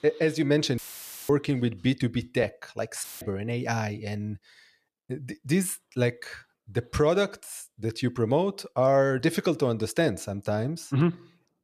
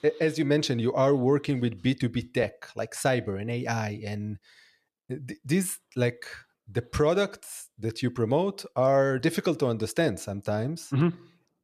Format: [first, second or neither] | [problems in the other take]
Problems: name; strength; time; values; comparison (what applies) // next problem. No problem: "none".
second | audio cutting out; filled with static; at 1 s for 0.5 s and at 3 s